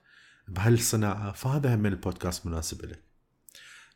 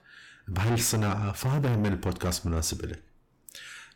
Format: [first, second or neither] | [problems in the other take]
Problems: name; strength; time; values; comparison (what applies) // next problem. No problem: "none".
first | distortion; heavy; 6 dB below the speech